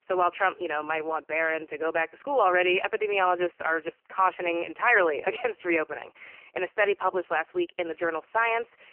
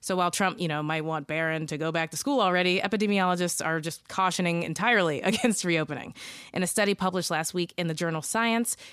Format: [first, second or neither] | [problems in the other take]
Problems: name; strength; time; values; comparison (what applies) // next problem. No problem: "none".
second | phone-call audio; poor line; nothing above 3 kHz